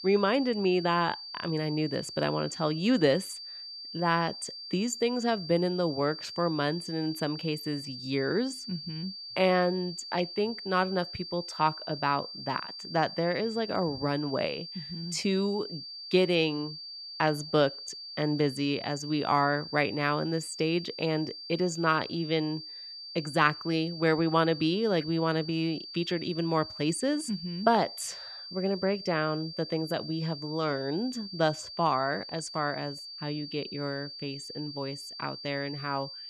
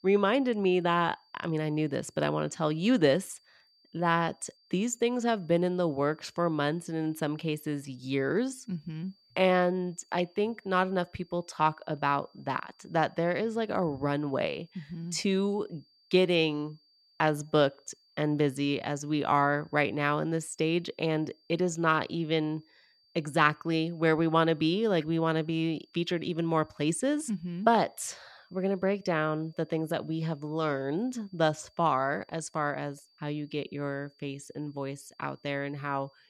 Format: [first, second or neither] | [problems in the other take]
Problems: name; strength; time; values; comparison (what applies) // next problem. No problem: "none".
second | high-pitched whine; loud; throughout; 4.5 kHz, 10 dB below the speech; faint in the second